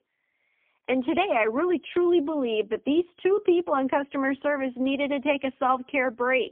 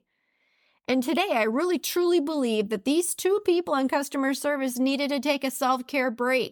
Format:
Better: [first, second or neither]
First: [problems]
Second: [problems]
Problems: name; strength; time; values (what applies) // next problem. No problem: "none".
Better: second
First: phone-call audio; poor line; nothing above 3.5 kHz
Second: none